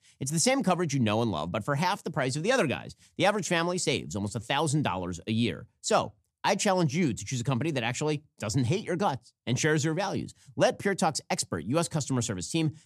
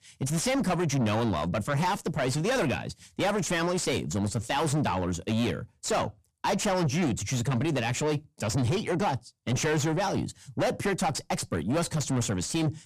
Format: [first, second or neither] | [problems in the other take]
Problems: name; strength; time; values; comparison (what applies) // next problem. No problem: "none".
first | distortion; heavy; 6 dB below the speech